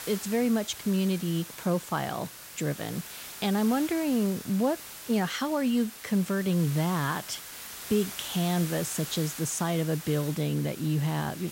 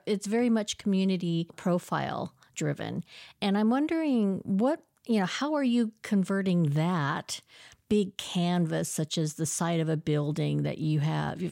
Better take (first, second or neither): second